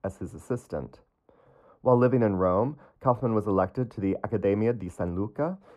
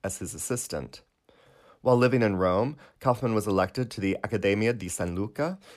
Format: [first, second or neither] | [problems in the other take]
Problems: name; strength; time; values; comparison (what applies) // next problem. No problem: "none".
second | muffled; very; fading above 2 kHz